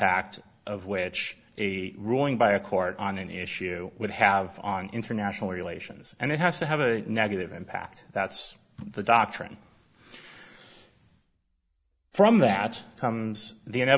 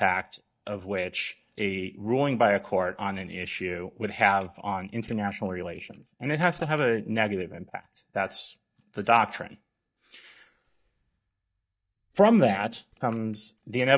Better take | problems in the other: first | noise reduction (neural mask model DeepFilterNet 3)

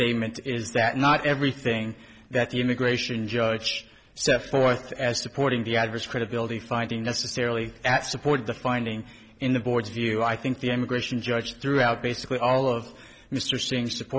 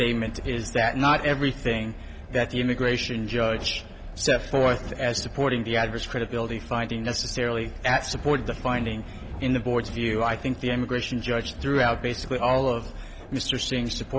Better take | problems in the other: first | background sound (Train); 11 dB below the speech

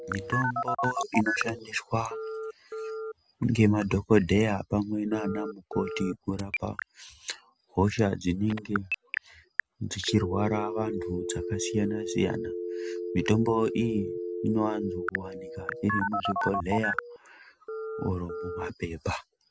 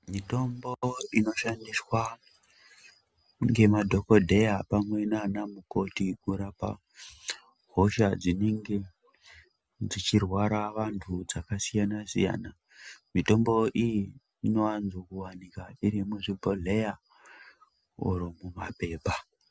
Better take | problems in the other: second | background sound (Telephone); 5 dB below the speech

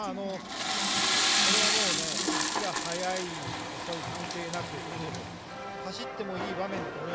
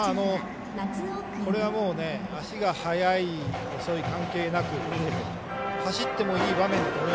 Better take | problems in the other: second | background sound (Toilet flush / Water); 5 dB above the speech

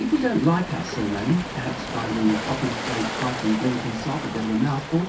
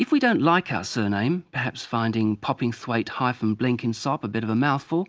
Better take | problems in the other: second | background sound (Waves, surf); 7 dB below the speech // room echo; dies away in 0.3 s

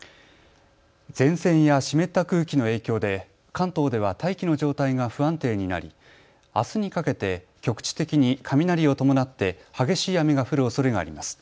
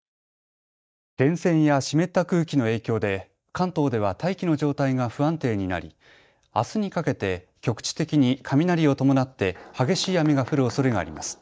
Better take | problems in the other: first | noise reduction (neural mask model DeepFilterNet 3)

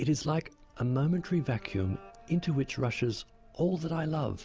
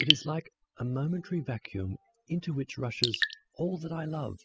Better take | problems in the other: first | noise reduction (classical method spectral subtraction)

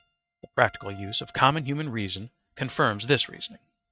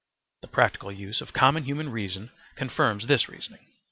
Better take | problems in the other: second | noise reduction (neural mask model RNNoise)

